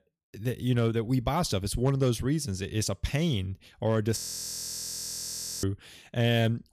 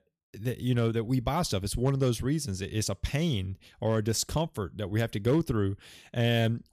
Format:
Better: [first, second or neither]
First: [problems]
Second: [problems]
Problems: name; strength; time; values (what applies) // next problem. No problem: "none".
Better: second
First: audio freezing; at 4 s for 1.5 s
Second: none